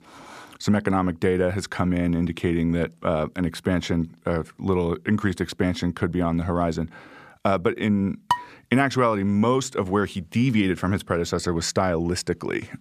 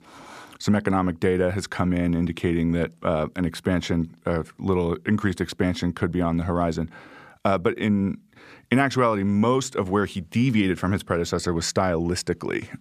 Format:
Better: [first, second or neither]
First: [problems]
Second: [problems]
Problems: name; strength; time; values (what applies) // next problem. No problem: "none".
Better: second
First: clattering dishes; noticeable; at 8.5 s; peak 3 dB below the speech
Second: none